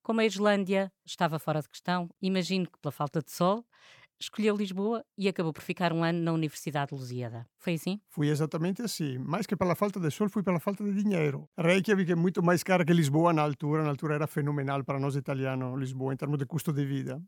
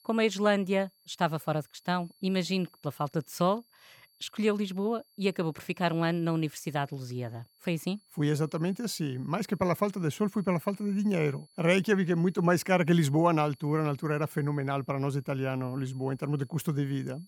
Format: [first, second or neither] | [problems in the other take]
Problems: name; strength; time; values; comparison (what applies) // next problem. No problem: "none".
first | high-pitched whine; faint; throughout; 4.5 kHz, 30 dB below the speech